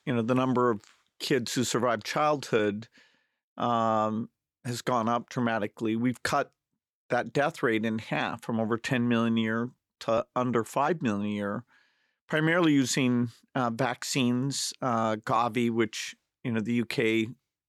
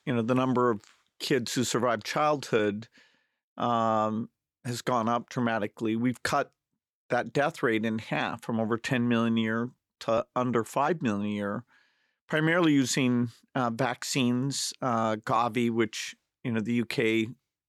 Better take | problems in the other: neither | none

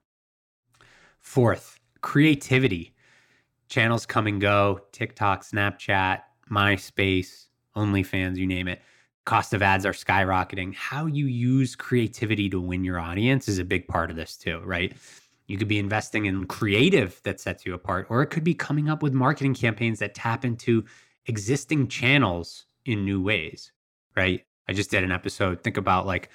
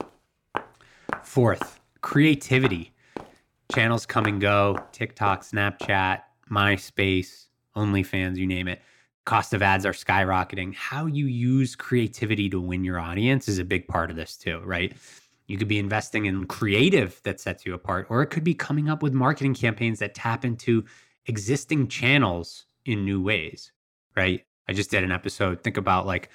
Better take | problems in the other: first | footsteps; noticeable; until 6 s; peak 8 dB below the speech

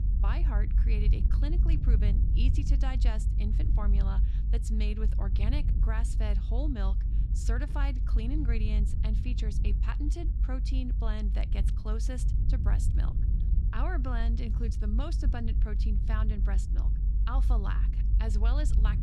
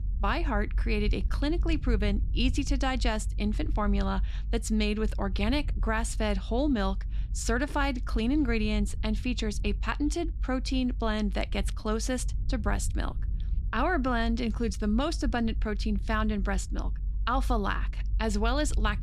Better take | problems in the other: second | low rumble; loud; throughout; 6 dB below the speech; faint in the second

